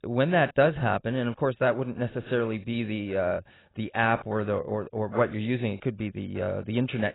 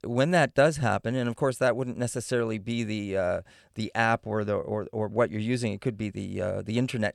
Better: second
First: garbled, watery; badly; nothing above 4 kHz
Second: none

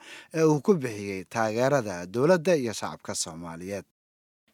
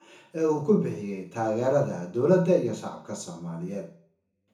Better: first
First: none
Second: room echo; slight; dies away in 0.6 s // off-mic speech; far

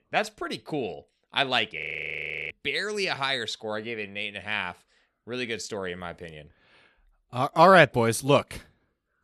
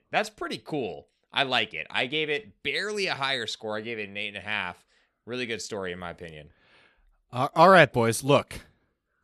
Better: second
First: audio freezing; at 2 s for 0.5 s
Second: none

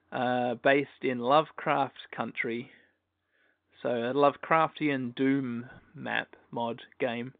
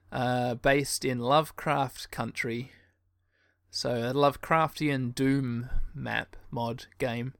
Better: second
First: phone-call audio; nothing above 3.5 kHz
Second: none

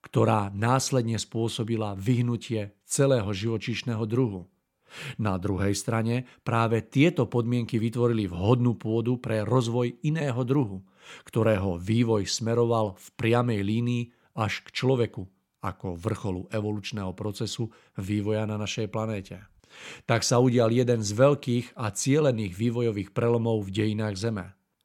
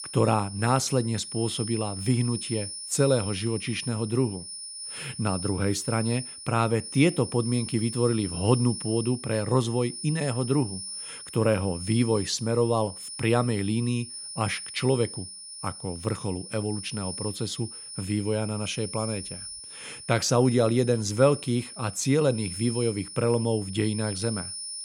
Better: first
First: none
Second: high-pitched whine; loud; throughout; 9.5 kHz, 9 dB below the speech

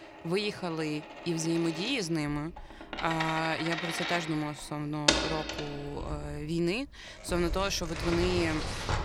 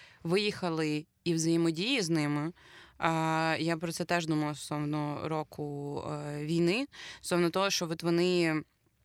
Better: second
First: household noises; loud; throughout; 2 dB below the speech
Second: none

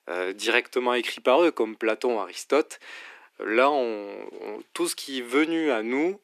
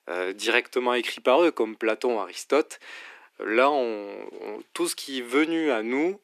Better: neither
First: thin; somewhat; fading below 300 Hz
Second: thin; somewhat; fading below 300 Hz

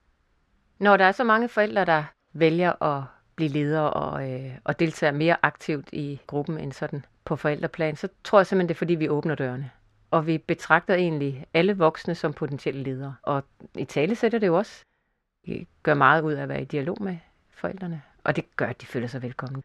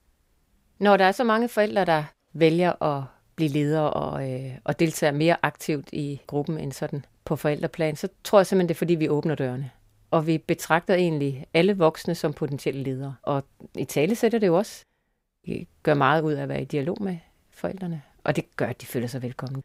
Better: second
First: muffled; very slightly; fading above 4.5 kHz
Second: none

